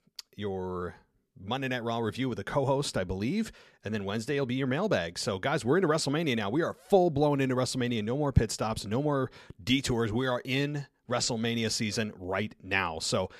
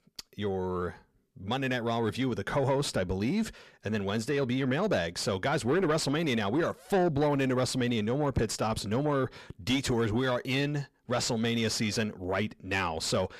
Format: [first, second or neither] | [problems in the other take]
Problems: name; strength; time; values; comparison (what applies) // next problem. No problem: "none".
first | distortion; slight; 10 dB below the speech